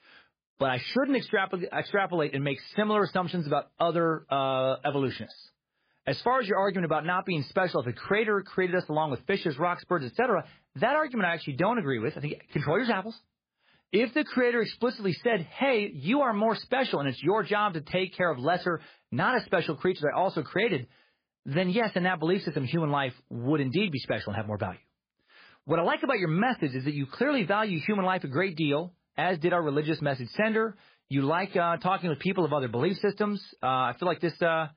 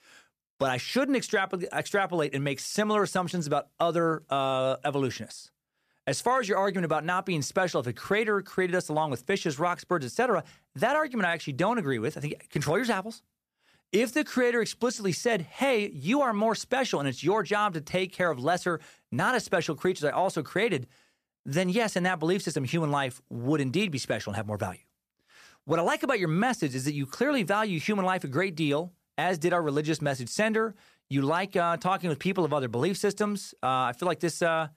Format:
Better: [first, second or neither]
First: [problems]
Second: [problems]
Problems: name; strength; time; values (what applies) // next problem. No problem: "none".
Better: second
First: garbled, watery; badly; nothing above 5 kHz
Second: none